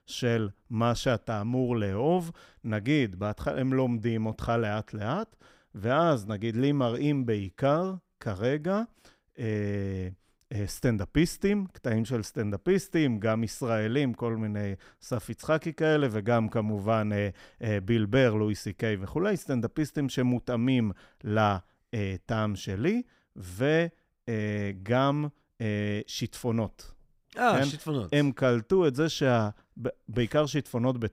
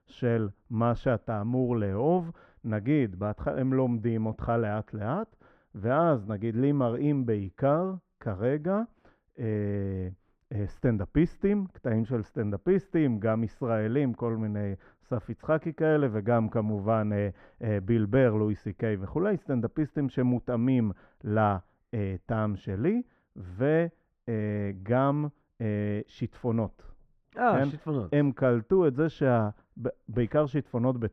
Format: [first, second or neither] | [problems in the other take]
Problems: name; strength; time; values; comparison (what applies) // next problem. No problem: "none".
first | muffled; very; fading above 4 kHz